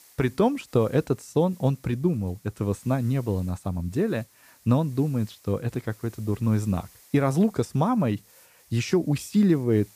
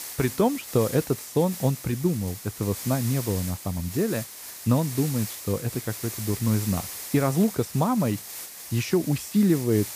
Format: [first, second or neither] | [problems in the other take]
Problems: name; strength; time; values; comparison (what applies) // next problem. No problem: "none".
first | hiss; loud; throughout; 9 dB below the speech; faint in the first